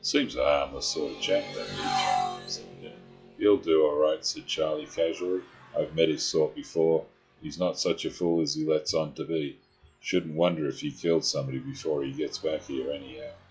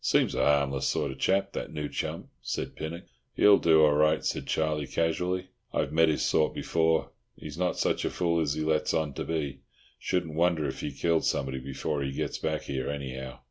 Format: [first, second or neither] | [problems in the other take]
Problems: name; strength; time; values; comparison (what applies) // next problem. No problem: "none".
second | noise reduction (classical method log-MMSE)